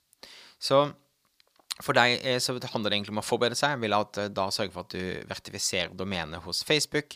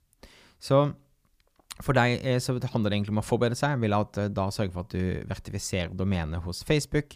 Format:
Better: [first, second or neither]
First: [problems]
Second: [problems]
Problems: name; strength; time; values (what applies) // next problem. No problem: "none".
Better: second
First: thin; somewhat; fading below 600 Hz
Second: none